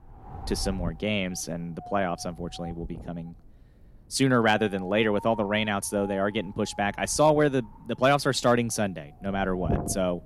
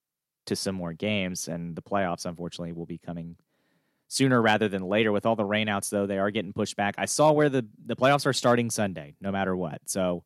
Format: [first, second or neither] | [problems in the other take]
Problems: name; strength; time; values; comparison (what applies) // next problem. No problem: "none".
second | wind noise on the microphone; occasional gusts; 15 dB below the speech